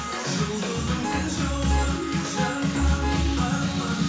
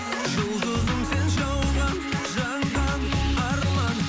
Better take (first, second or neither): second